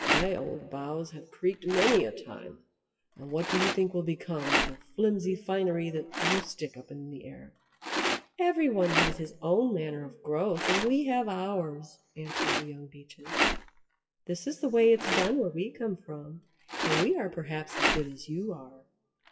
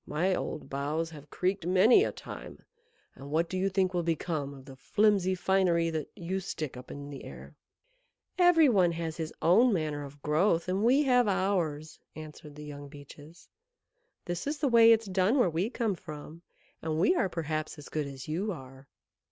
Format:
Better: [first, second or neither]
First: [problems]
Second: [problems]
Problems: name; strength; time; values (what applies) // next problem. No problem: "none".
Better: second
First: noise reduction (classical method WPE with log-MMSE)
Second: none